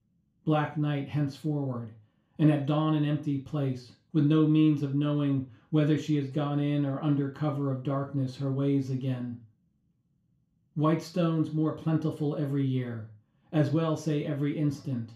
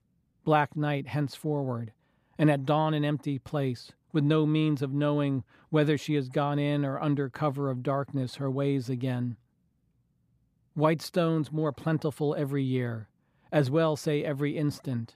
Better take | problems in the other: second | room echo; slight; dies away in 0.3 s // off-mic speech; somewhat distant

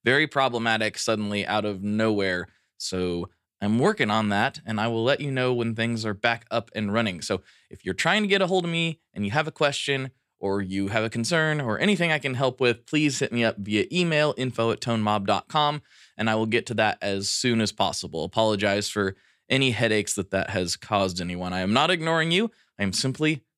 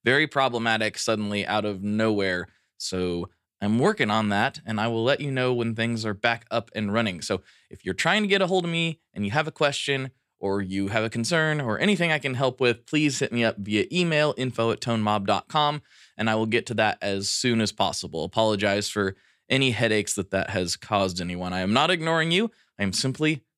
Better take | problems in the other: neither | none

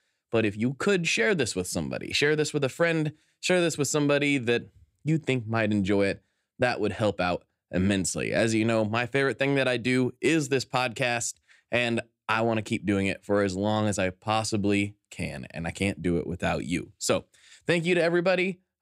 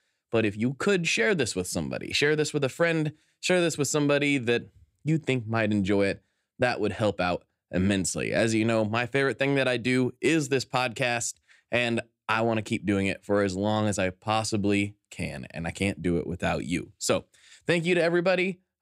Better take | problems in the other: neither | none

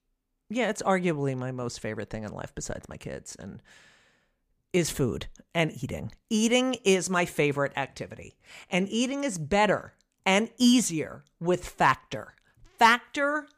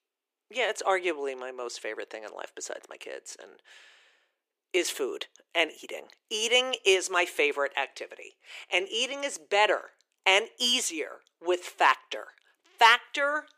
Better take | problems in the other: first | thin; very; fading below 350 Hz

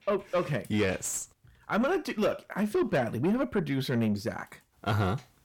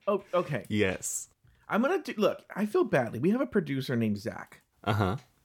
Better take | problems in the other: second | distortion; slight; 10 dB below the speech

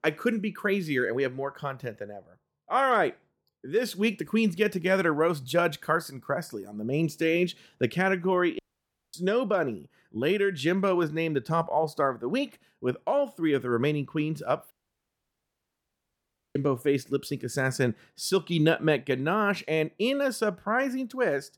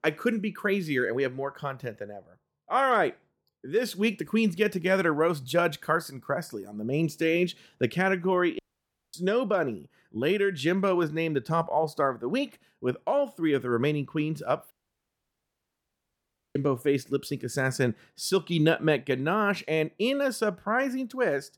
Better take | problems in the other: neither | audio cutting out; at 8.5 s for 0.5 s and at 15 s for 2 s; the same in both

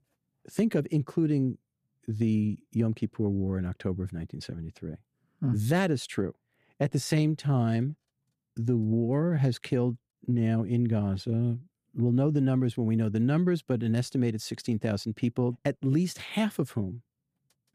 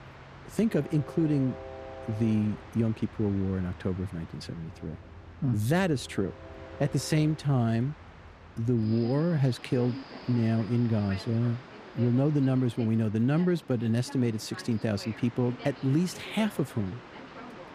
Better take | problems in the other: first | train or aircraft noise; noticeable; throughout; 15 dB below the speech

